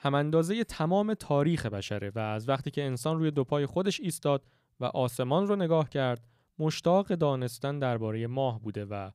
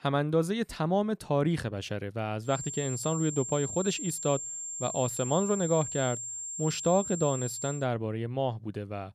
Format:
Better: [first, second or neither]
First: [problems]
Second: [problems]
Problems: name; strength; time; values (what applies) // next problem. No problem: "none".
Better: first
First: none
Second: high-pitched whine; loud; from 2.5 to 8 s; 7.5 kHz, 5 dB below the speech